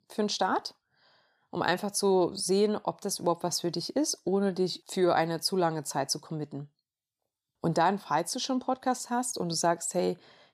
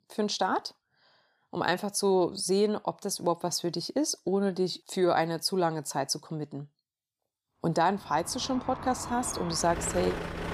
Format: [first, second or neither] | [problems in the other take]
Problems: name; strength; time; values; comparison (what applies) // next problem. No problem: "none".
first | traffic noise; loud; from 8.5 s on; 9 dB below the speech